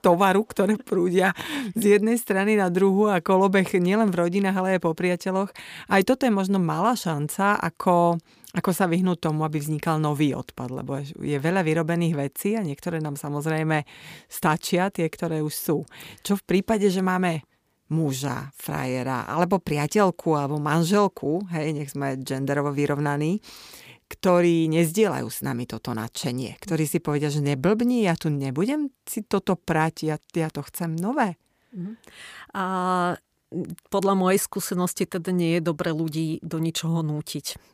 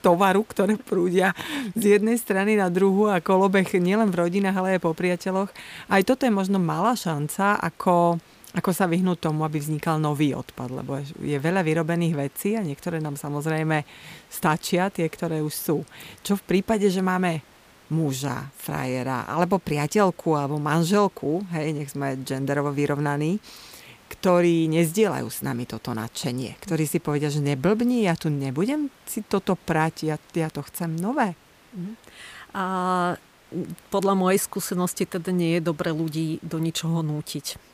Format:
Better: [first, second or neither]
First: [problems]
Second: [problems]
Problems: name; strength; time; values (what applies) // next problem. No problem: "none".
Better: first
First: none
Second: hiss; faint; throughout; 30 dB below the speech